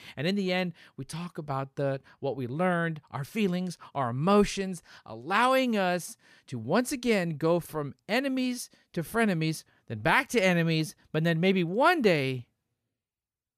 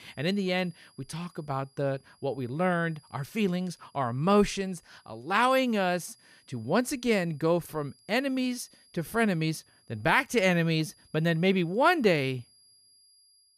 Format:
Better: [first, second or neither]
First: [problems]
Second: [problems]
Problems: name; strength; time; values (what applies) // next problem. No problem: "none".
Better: first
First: none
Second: high-pitched whine; faint; throughout; 5 kHz, 30 dB below the speech